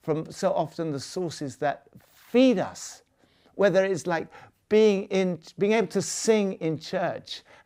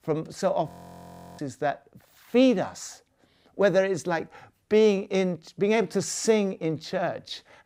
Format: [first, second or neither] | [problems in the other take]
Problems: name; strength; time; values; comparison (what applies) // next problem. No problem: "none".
first | audio freezing; at 0.5 s for 0.5 s